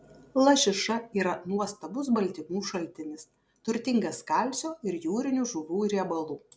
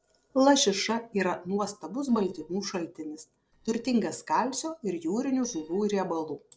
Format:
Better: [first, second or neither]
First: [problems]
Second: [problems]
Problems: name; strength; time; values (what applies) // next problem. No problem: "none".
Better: first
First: none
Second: noise reduction (neural separator model SepFormer DNS4)